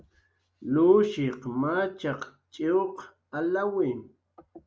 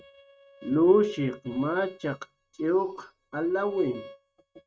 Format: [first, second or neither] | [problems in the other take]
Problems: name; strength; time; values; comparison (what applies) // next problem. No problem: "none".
first | noise reduction (neural mask model RNNoise)